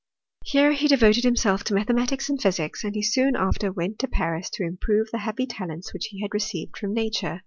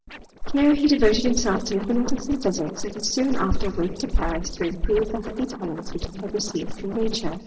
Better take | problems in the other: first | noise reduction (neural separator model SepFormer DNS4)

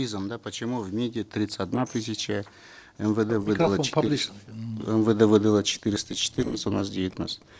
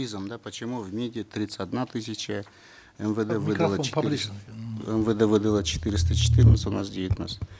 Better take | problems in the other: second | noise reduction (neural separator model SepFormer DNS4)

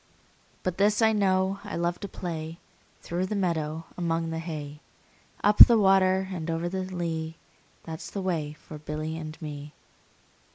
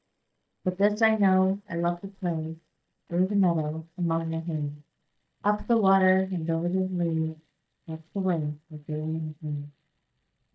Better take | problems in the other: first | noise reduction (neural mask model DeepFilterNet 3)

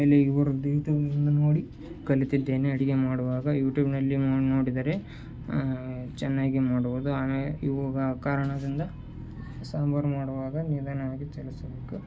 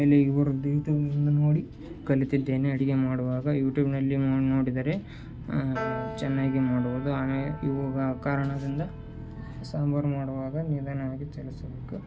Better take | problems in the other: first | background sound (Piano); 18 dB below the speech

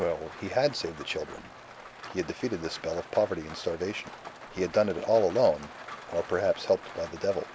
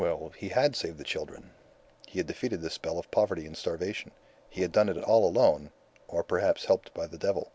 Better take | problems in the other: second | background sound (Rain); 15 dB below the speech

